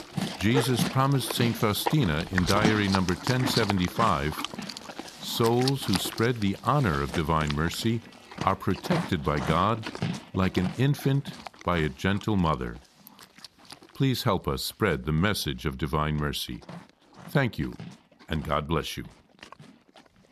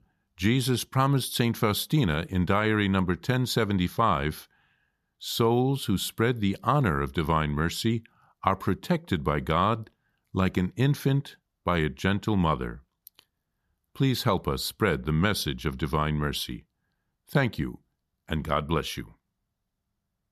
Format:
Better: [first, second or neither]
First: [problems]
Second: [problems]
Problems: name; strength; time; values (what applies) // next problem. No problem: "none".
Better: second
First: animal sounds; loud; throughout; 7 dB below the speech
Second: none